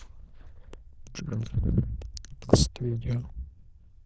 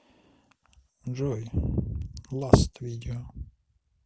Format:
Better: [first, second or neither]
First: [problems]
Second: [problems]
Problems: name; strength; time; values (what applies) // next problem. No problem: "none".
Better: second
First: noise reduction (neural diffusion model UNIVERSE++)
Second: none